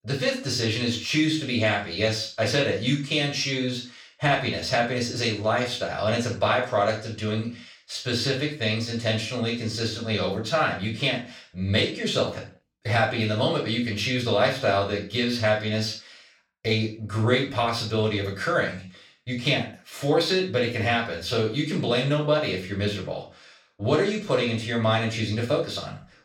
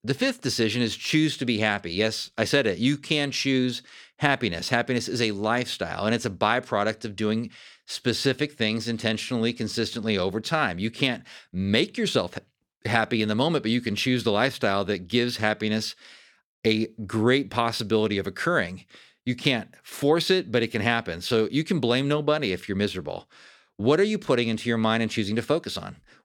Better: second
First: room echo; noticeable; dies away in 0.3 s // off-mic speech; far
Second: none

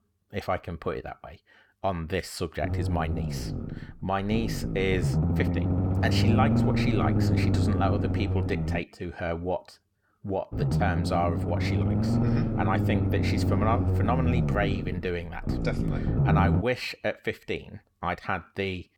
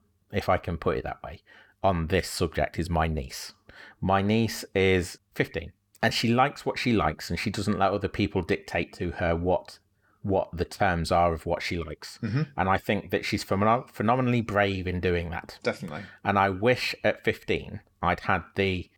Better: second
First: low rumble; loud; from 2.5 to 9 s and from 11 to 17 s; 4 dB below the speech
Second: none

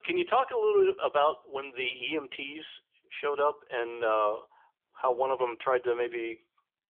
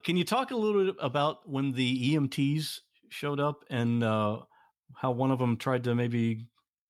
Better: second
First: phone-call audio; poor line; nothing above 3.5 kHz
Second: none

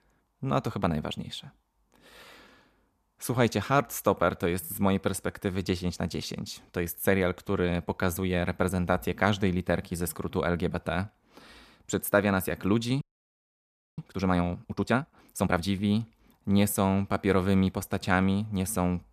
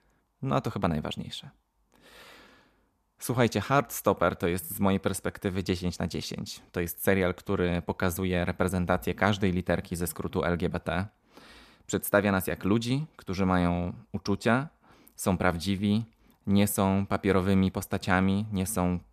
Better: second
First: audio freezing; at 13 s for 1 s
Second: none

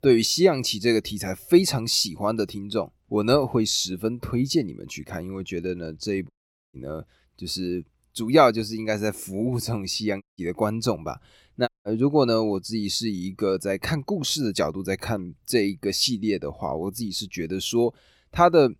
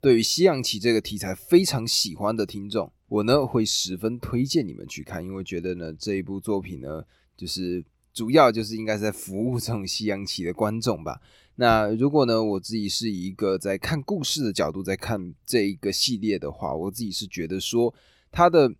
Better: second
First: audio cutting out; at 6.5 s, at 10 s and at 12 s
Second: none

